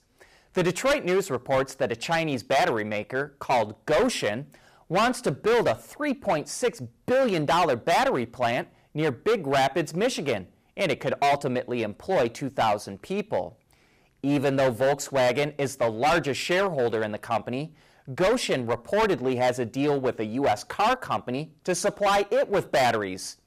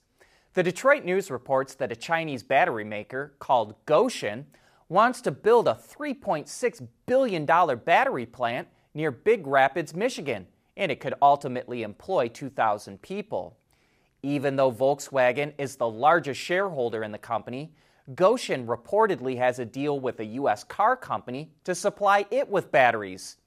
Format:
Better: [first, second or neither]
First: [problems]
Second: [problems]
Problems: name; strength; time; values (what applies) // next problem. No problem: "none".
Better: second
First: distortion; heavy; 12% of the sound clipped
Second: none